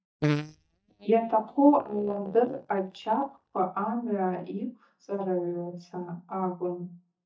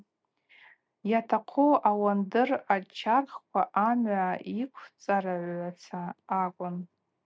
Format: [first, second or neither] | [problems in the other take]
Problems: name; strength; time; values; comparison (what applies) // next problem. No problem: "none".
second | noise reduction (neural mask model DeepFilterNet 3)